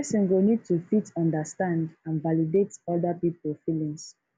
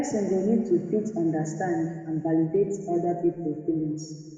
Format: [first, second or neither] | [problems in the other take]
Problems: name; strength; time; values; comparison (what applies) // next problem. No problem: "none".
first | room echo; dies away in 1.7 s